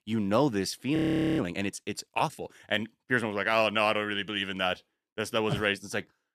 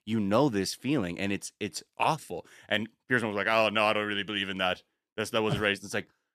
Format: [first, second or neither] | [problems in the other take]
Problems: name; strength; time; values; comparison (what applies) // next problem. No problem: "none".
second | audio freezing; at 1 s